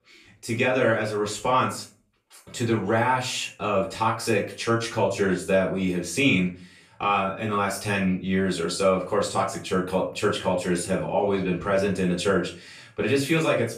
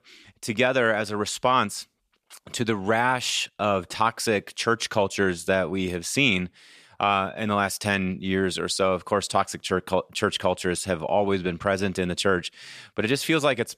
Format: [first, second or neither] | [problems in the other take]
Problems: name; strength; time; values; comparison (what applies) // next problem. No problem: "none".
second | off-mic speech; far // room echo; slight; dies away in 0.3 s